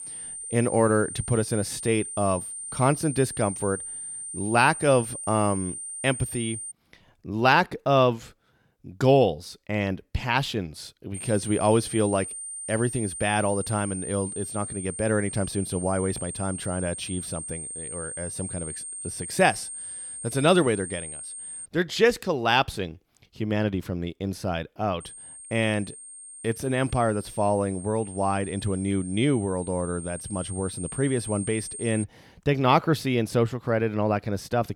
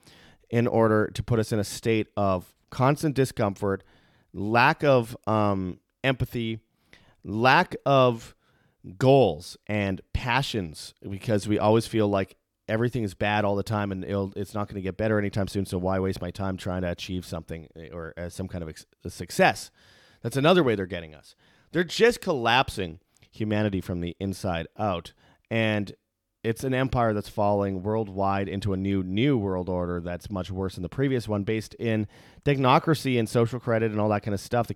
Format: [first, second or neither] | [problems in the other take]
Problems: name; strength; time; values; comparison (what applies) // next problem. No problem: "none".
second | high-pitched whine; loud; until 6.5 s, from 11 to 22 s and from 25 to 32 s; 9 kHz, 9 dB below the speech